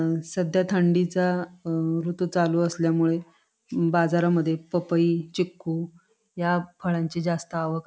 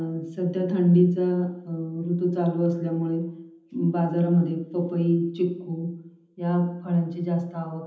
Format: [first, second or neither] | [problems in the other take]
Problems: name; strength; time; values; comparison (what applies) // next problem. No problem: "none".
first | room echo; dies away in 0.8 s